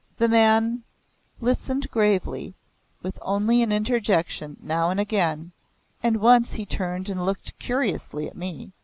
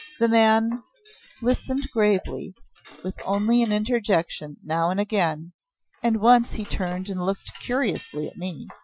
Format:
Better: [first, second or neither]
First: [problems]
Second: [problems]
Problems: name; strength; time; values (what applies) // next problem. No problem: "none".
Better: first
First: none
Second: noise reduction (classical method Wiener filter)